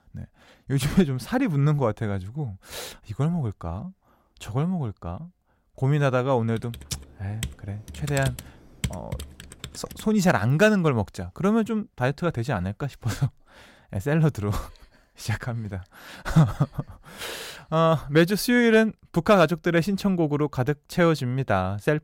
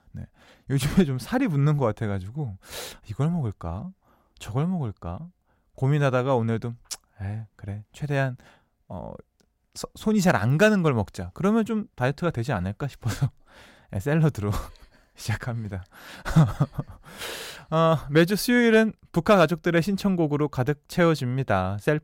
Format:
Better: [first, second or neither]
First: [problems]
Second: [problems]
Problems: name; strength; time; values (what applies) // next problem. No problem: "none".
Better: second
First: keyboard typing; noticeable; from 6.5 to 10 s; peak 8 dB below the speech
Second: none